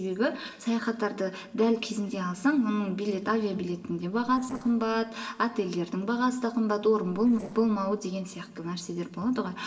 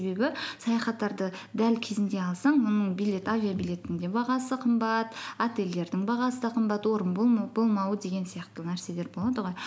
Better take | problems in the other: second | noise reduction (neural separator model SepFormer DNS4)

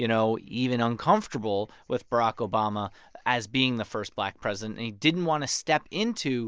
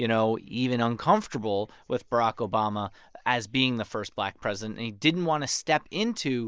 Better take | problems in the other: first | noise reduction (neural mask model Resemble Enhance denoiser)

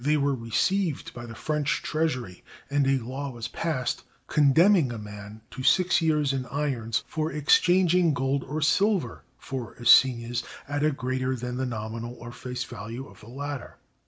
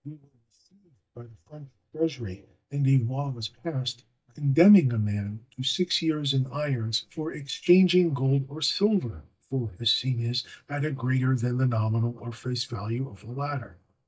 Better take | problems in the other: first | noise reduction (neural mask model DeepFilterNet 3)

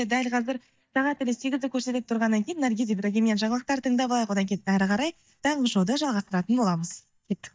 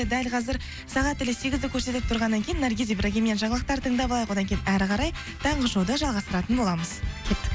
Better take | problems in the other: second | noise reduction (neural mask model DeepFilterNet 3)

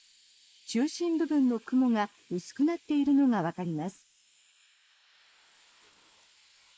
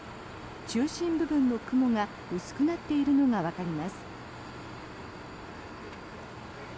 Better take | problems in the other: second | noise reduction (neural mask model Resemble Enhance denoiser)

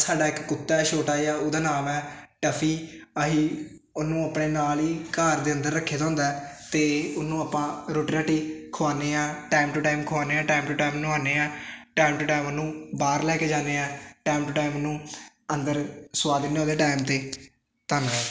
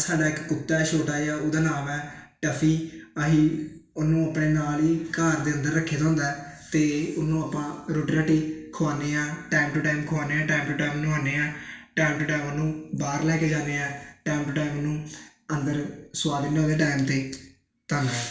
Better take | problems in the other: first | room echo; dies away in 0.4 s

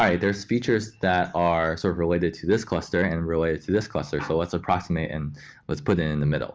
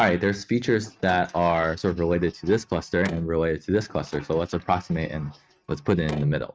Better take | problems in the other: first | noise reduction (neural mask model RNNoise)

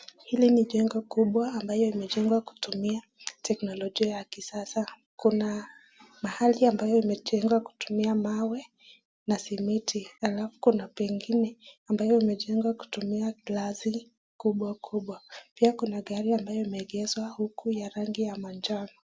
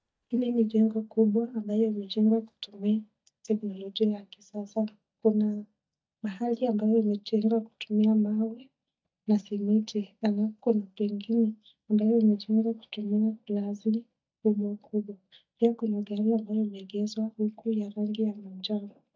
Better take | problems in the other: first | noise reduction (neural mask model DeepFilterNet 3)

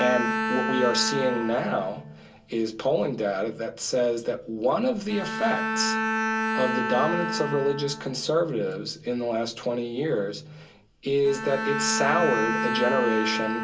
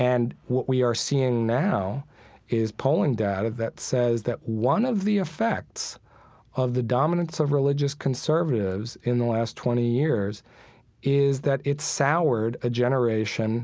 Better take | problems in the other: second | background sound (Bowed string instrument); 4 dB below the speech // room echo; dies away in 0.2 s

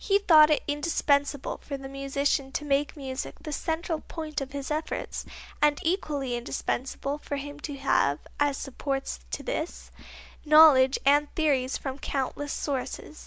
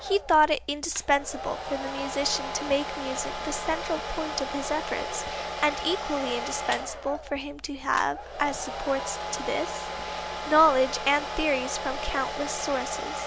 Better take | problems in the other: first | background sound (Domestic sounds, home sounds); 6 dB below the speech

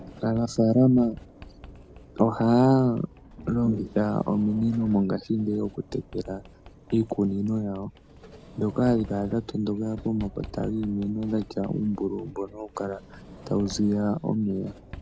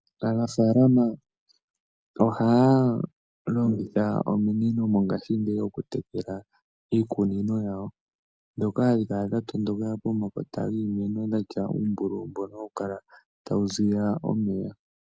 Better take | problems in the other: second | background sound (Sliding door); 18 dB below the speech

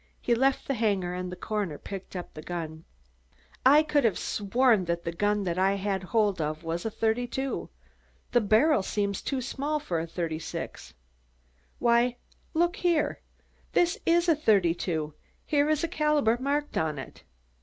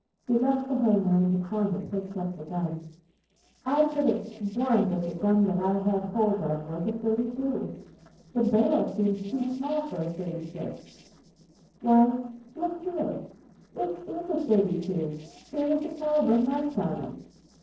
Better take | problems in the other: first | noise reduction (neural separator model SepFormer DNS4)

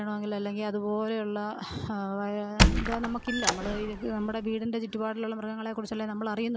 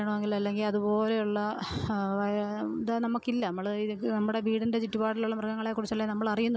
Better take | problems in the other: second | background sound (Squeak); 4 dB above the speech

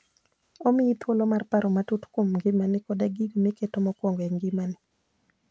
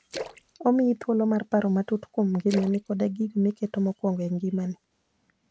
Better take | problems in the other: first | background sound (Splash, splatter); 17 dB below the speech

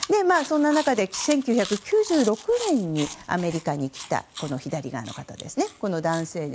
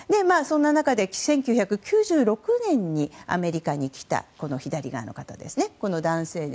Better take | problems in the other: second | background sound (Chewing, mastication); 15 dB below the speech

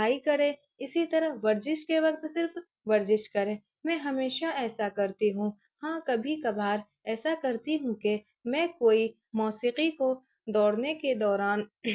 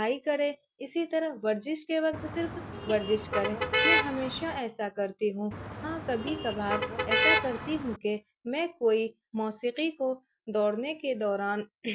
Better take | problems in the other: first | background sound (Motor vehicle (road)); 1 dB above the speech

